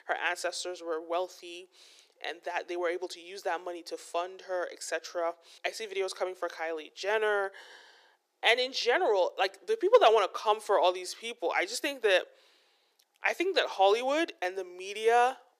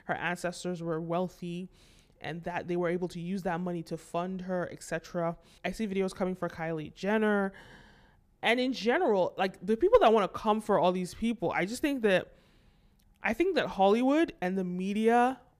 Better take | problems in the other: second | thin; very; fading below 350 Hz

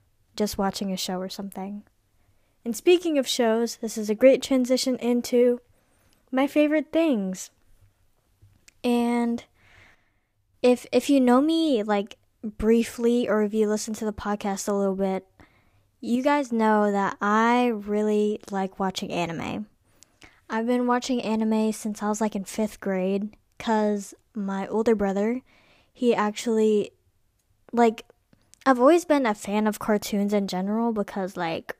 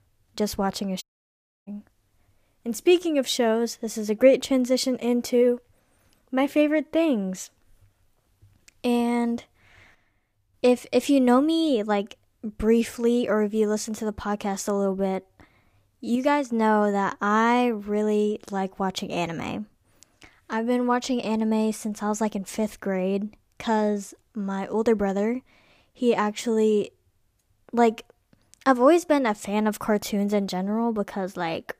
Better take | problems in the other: first | audio cutting out; at 1 s for 0.5 s

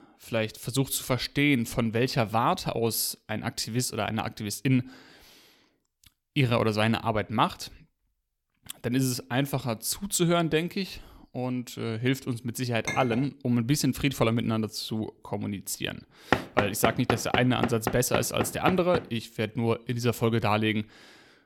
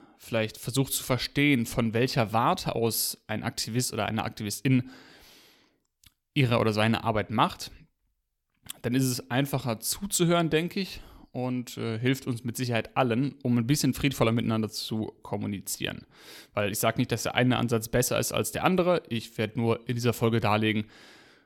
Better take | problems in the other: second | clattering dishes; noticeable; at 13 s; peak 5 dB below the speech // door banging; loud; from 16 to 19 s; peak 1 dB above the speech

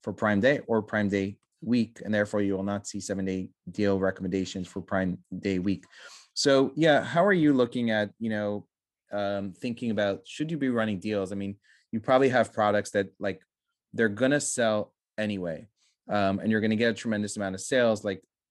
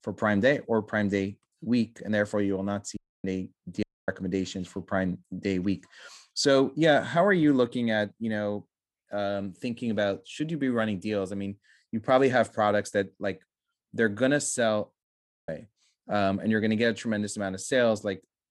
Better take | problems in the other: first | audio cutting out; at 3 s, at 4 s and at 15 s

